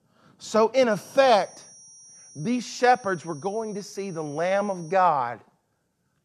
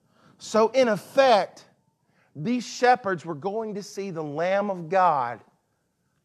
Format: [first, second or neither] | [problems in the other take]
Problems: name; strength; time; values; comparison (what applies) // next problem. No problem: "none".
second | high-pitched whine; faint; from 1 to 5 s; 5.5 kHz, 25 dB below the speech